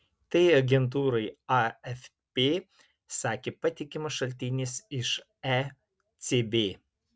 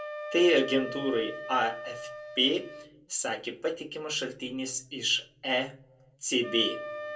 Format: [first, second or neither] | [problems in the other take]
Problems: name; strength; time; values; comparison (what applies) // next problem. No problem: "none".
first | background sound (Wind instrument, woodwind instrument); 12 dB below the speech // room echo; dies away in 0.2 s